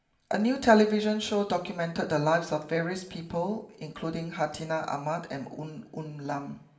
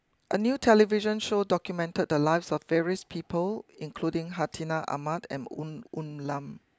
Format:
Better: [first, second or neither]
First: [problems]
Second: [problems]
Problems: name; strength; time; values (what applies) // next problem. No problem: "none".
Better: second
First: room echo; dies away in 0.8 s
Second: none